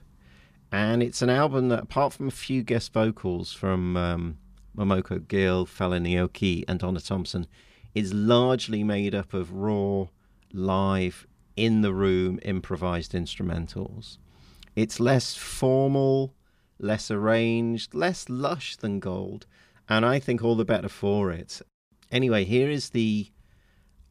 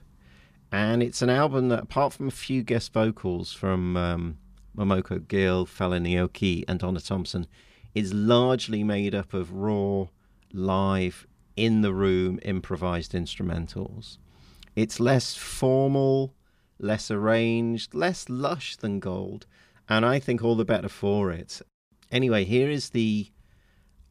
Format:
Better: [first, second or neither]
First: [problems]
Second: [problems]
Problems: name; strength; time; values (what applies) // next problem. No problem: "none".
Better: neither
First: none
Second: none